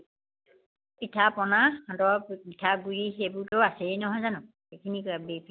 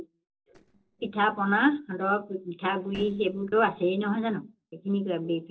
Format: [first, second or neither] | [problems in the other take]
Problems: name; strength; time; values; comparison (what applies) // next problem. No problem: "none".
first | noise reduction (neural separator model SepFormer DNS4)